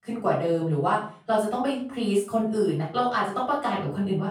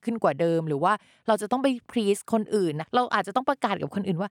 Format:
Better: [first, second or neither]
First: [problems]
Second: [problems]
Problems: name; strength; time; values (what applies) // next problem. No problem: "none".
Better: second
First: off-mic speech; far // room echo; noticeable; dies away in 0.4 s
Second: none